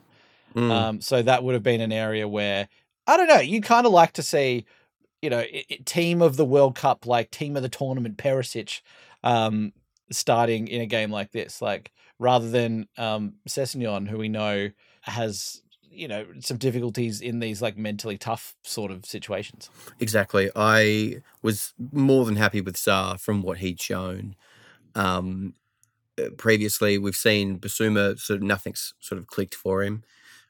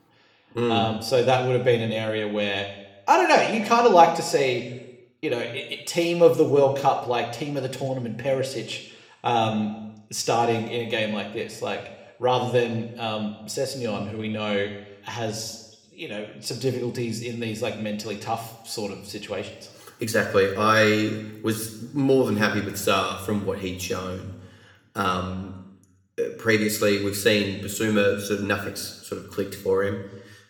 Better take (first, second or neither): first